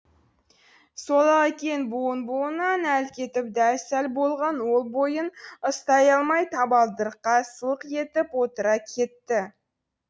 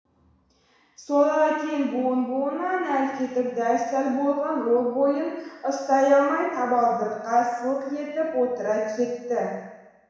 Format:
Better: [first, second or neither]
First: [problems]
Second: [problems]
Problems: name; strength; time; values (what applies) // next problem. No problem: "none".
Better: first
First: none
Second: room echo; dies away in 1.1 s